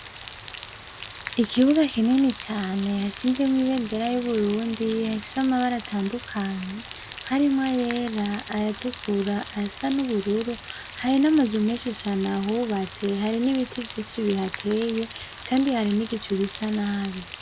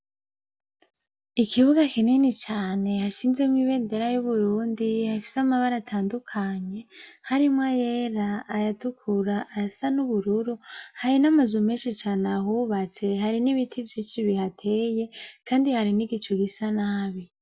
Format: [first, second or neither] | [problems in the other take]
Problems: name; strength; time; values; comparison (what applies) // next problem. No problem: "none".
second | background sound (Rain); 15 dB below the speech